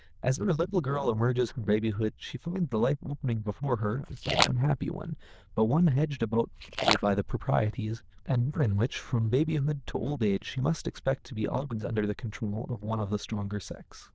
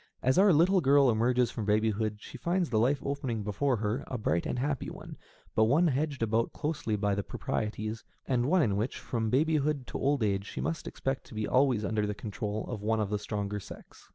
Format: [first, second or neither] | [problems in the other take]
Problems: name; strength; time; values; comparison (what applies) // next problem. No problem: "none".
second | noise reduction (neural diffusion model UNIVERSE++)